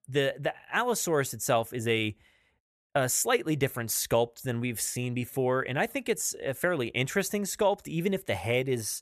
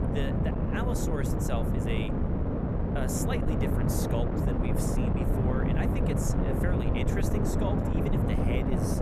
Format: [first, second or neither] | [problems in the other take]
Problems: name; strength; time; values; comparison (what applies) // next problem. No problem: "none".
first | wind noise on the microphone; heavy; 4 dB above the speech